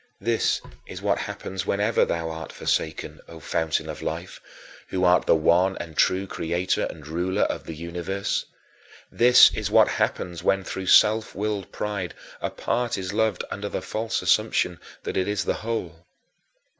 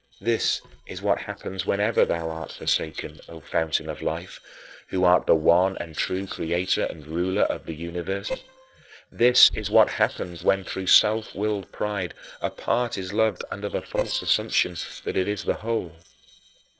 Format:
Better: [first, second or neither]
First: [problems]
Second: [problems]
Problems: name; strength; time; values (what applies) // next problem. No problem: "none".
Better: first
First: none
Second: noise reduction (neural separator model SepFormer DNS4)